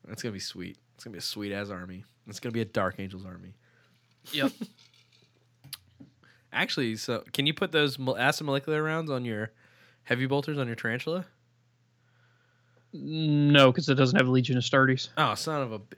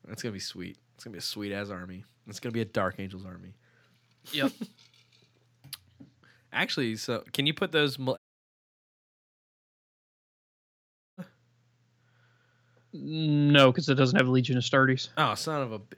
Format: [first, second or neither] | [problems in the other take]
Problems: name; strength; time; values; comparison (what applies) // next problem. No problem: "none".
first | audio cutting out; at 8 s for 3 s